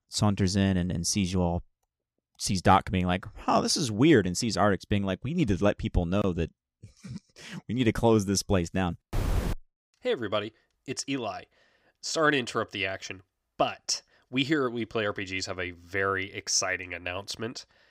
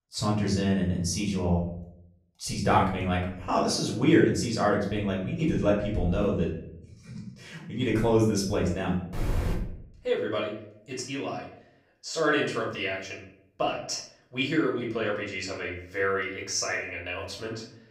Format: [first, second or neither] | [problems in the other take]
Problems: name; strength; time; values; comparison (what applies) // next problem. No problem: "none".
first | off-mic speech; far // room echo; noticeable; dies away in 0.6 s